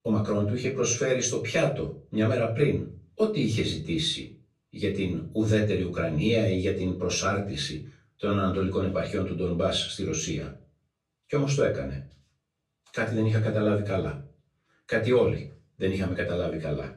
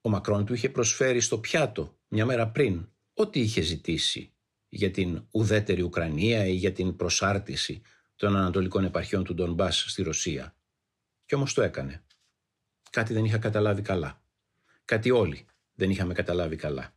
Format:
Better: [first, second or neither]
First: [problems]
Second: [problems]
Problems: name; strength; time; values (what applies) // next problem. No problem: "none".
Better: second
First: room echo; slight; dies away in 0.3 s // off-mic speech; far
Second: none